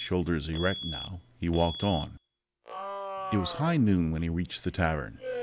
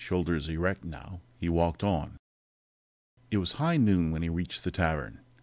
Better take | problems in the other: second | background sound (Alarm); 10 dB below the speech

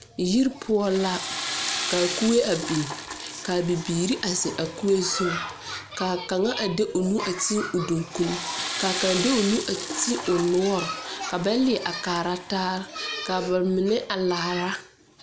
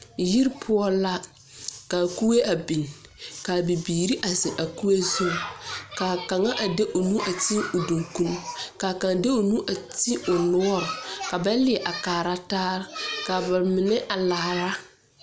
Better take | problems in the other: second | background sound (Toilet flush / Water); 10 dB below the speech

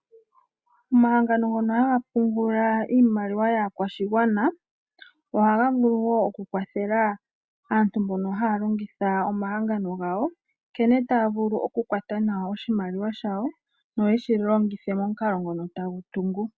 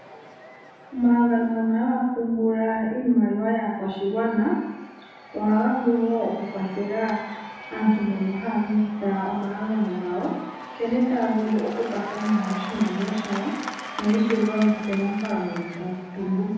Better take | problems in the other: first | background sound (Applause / Crowd / Cheering); 15 dB below the speech // room echo; dies away in 1.1 s

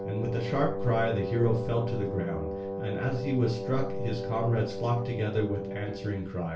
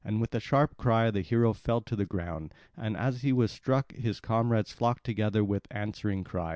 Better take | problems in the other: second | background sound (Wind instrument, woodwind instrument); 6 dB below the speech // room echo; dies away in 0.3 s

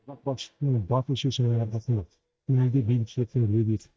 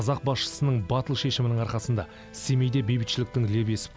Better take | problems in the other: second | noise reduction (neural mask model DeepFilterNet 3)

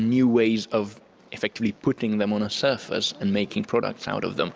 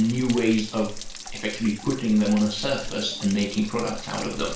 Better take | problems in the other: first | background sound (Stream / Trickle, dribble / Splash, splatter); 12 dB below the speech // room echo; dies away in 0.3 s

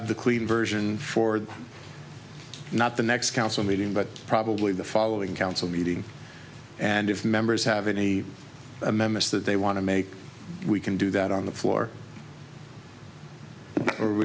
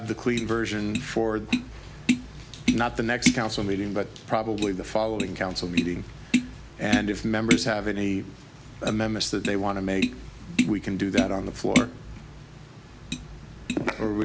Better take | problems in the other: first | background sound (Tap); 2 dB below the speech

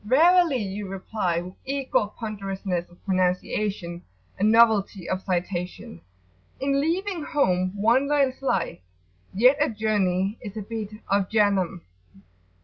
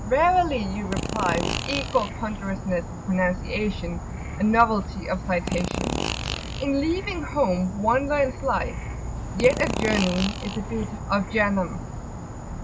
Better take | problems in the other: first | background sound (Insect / Frog + Fart); 5 dB below the speech

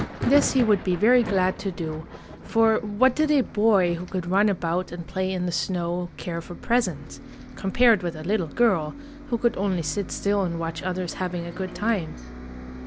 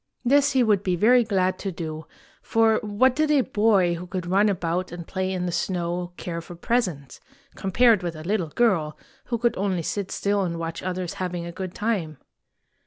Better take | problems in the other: second | background sound (Bus + Thunder); 13 dB below the speech

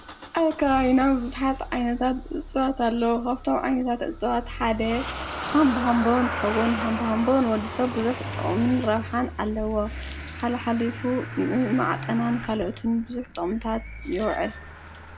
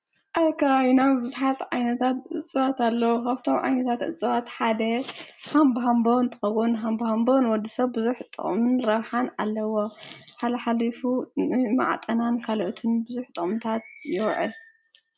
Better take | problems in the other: second | background sound (Engine starting / Motor vehicle (road)); 10 dB below the speech

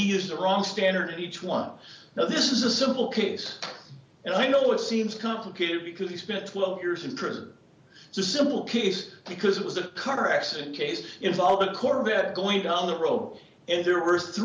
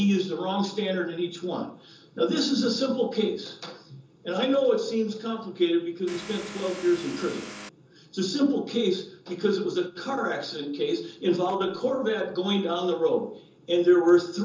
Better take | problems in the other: first | background sound (Vehicle); 14 dB below the speech // room echo; dies away in 0.2 s

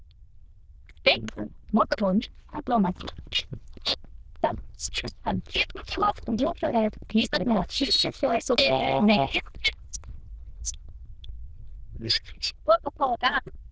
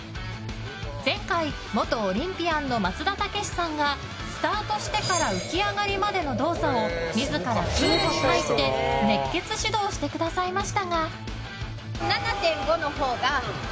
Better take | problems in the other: second | noise reduction (neural diffusion model UNIVERSE++)

